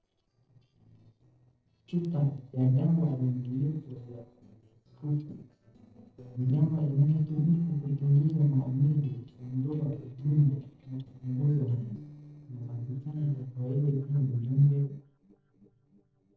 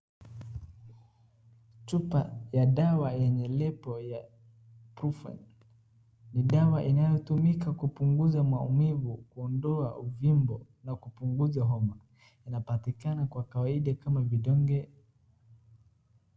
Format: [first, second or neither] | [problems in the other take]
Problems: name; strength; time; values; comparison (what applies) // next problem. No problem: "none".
second | noise reduction (neural separator model SepFormer DNS4)